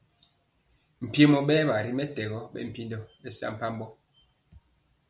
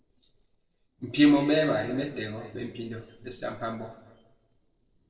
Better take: first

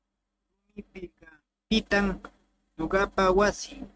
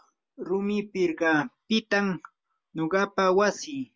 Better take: second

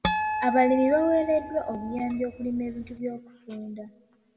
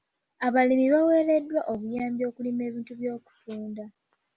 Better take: second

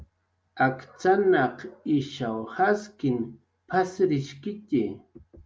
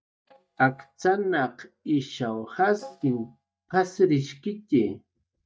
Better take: first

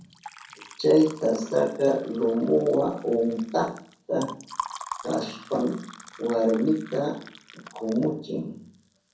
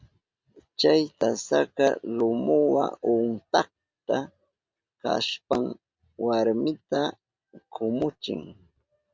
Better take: second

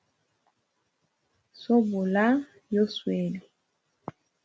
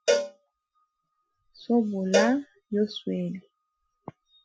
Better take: first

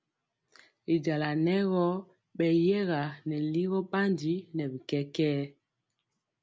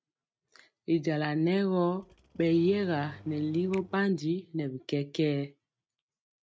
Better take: first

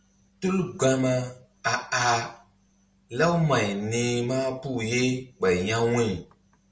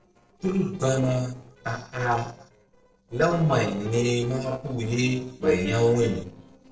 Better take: first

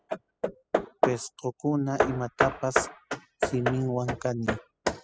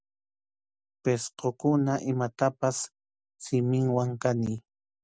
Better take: second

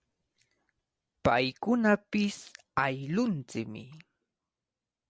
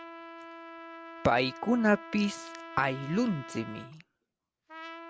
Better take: first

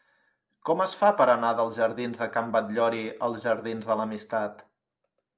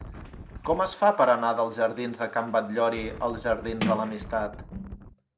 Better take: first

